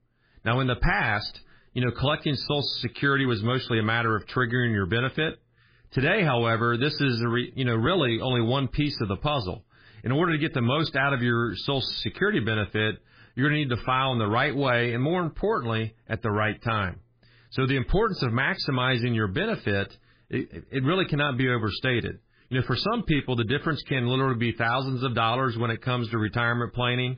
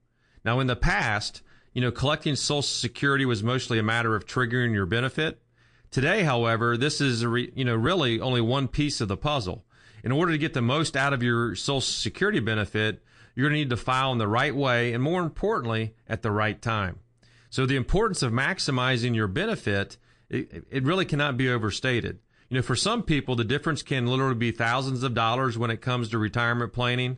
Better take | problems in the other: second | garbled, watery; badly; nothing above 5 kHz; slightly in the second

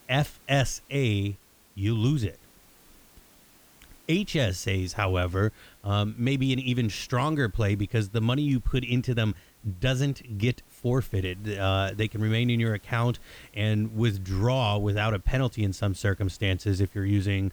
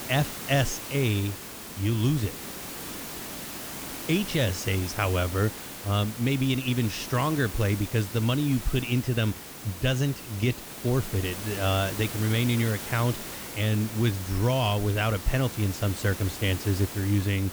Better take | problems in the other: first | hiss; loud; throughout; 9 dB below the speech; faint in the first

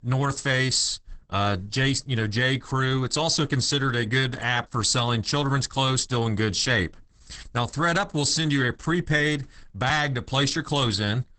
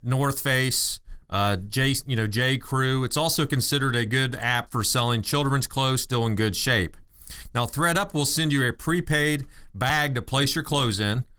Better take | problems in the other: second | garbled, watery; badly; nothing above 8 kHz; slightly in the second

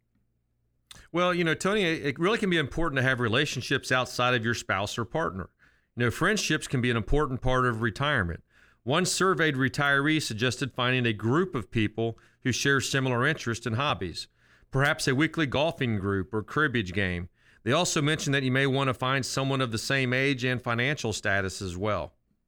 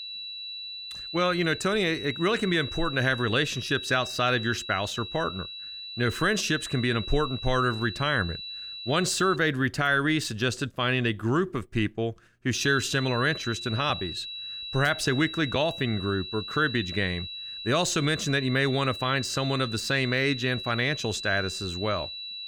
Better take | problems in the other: first | high-pitched whine; loud; until 9.5 s and from 13 s on; 4 kHz, 9 dB below the speech

